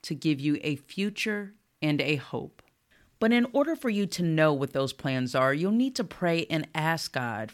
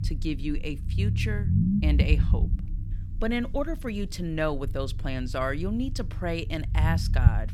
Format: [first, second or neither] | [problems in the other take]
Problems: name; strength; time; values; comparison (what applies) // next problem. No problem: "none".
first | low rumble; loud; throughout; 8 dB below the speech